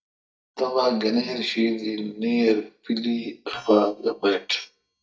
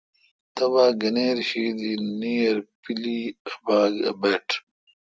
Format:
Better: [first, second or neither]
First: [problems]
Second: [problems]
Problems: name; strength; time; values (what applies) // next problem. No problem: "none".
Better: second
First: noise reduction (neural mask model DeepFilterNet 3)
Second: none